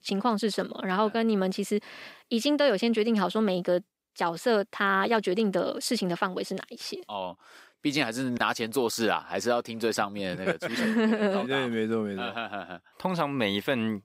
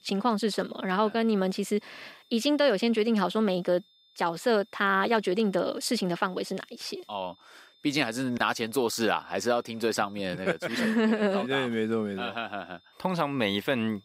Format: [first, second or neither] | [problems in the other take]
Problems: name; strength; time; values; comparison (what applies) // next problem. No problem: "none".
first | high-pitched whine; faint; throughout; 3.5 kHz, 30 dB below the speech